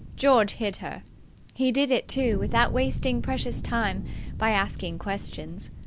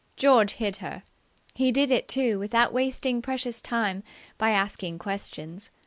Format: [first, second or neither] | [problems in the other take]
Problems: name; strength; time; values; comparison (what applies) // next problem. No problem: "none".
second | background sound (Fire); 6 dB below the speech